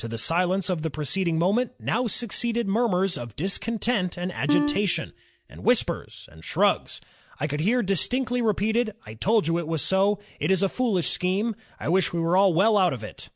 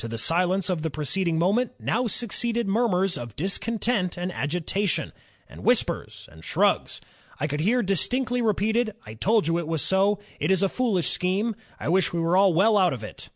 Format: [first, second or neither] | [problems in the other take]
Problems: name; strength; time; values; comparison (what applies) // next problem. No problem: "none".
second | noise reduction (neural mask model DeepFilterNet 3)